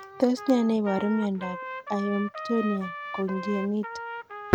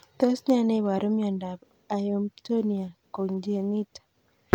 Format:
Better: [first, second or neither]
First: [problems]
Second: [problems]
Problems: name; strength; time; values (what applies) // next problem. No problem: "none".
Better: second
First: background sound (Trumpet); 11 dB below the speech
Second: none